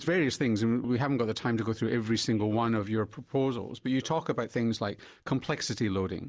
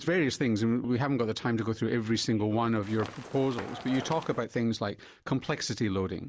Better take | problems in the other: first | background sound (Run); 13 dB below the speech

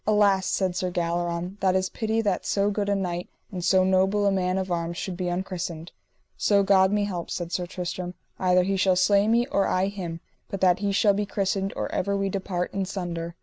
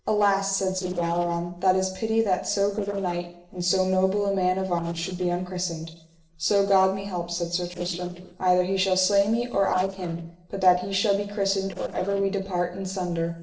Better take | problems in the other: first | noise reduction (neural separator model SepFormer DNS4)

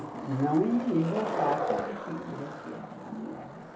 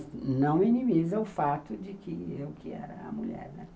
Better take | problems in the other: second | background sound (Skateboard); 5 dB below the speech // room echo; dies away in 0.3 s

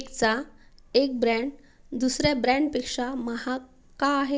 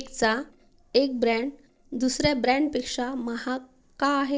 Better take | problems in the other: first | noise reduction (neural separator model SepFormer DNS4)

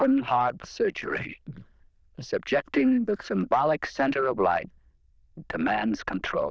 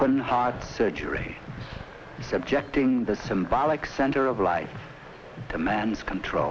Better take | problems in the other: second | noise reduction (neural diffusion model UNIVERSE++)

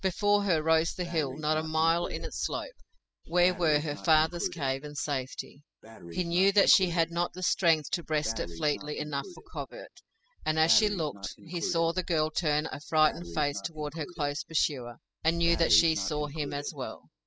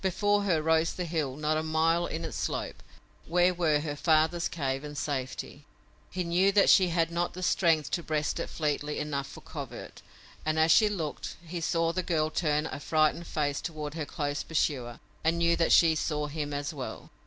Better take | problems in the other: second | noise reduction (classical method spectral subtraction)

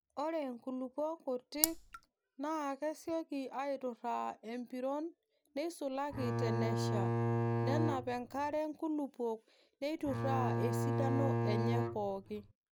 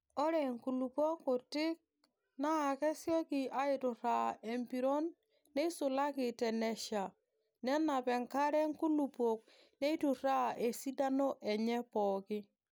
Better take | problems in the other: second | background sound (Raindrop + Bowed string instrument); 4 dB above the speech

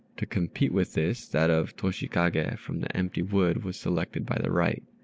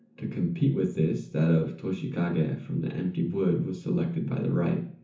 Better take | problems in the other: first | room echo; dies away in 0.6 s

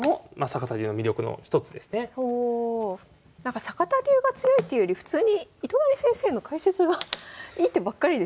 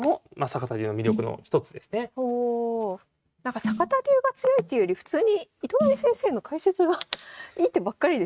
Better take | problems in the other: first | noise reduction (neural mask model RNNoise)

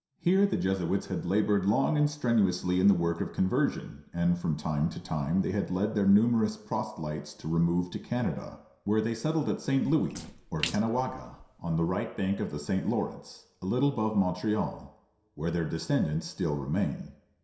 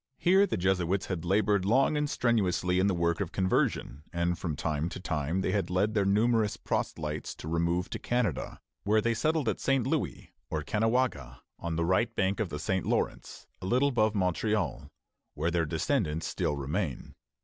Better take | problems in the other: second | background sound (Splash, splatter); 16 dB below the speech // room echo; dies away in 0.7 s

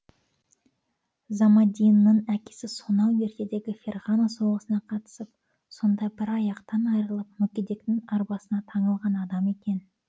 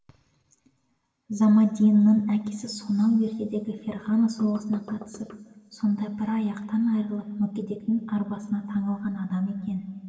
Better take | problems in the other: first | background sound (Knock); 19 dB below the speech // room echo; dies away in 2.3 s

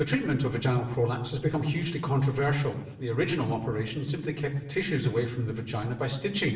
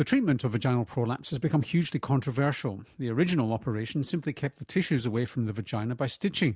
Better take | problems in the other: second | room echo; dies away in 0.8 s

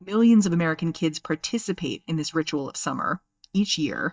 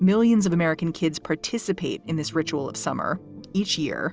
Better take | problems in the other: second | noise reduction (neural mask model DeepFilterNet 3)

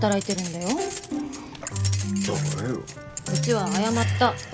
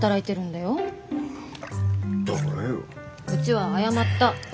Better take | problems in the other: second | background sound (Keys jangling); 11 dB below the speech

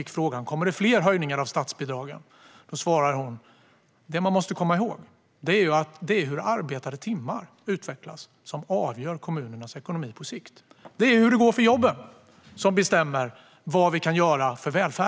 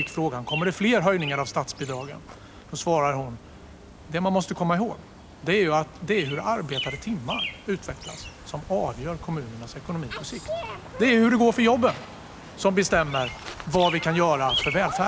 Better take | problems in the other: first | background sound (Bird vocalization, bird call, bird song); 11 dB below the speech

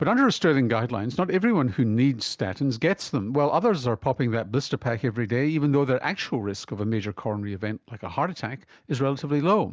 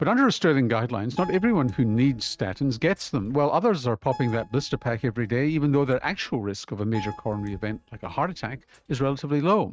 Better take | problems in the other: first | noise reduction (neural mask model RNNoise)

